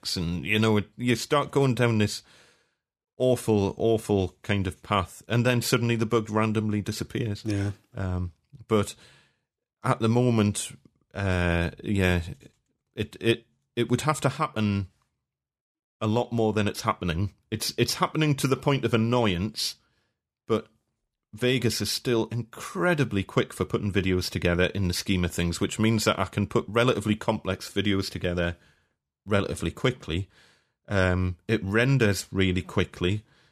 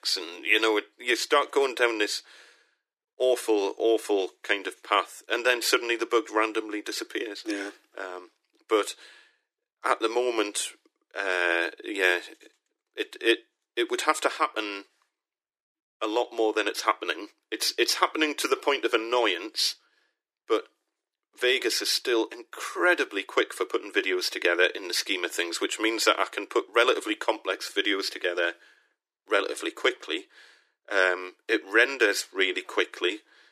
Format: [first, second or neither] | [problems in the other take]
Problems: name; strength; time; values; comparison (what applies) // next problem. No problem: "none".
first | thin; very; fading below 300 Hz